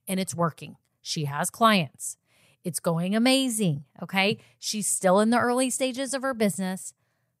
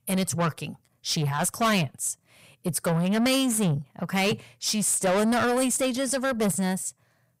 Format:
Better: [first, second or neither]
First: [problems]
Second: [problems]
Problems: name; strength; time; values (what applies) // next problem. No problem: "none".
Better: first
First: none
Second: distortion; heavy; 7 dB below the speech